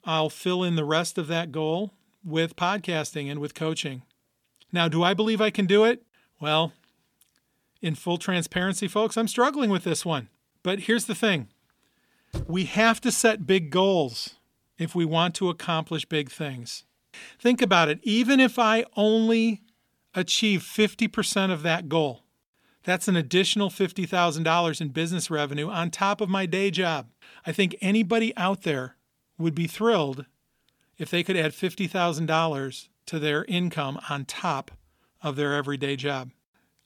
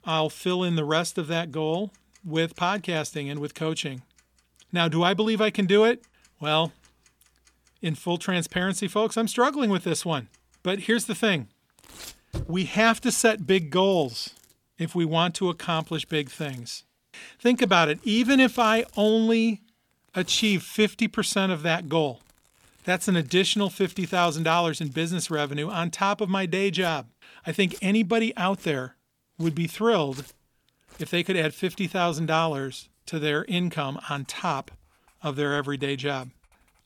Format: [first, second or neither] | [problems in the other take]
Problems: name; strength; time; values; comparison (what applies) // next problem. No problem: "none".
first | household noises; faint; throughout; 25 dB below the speech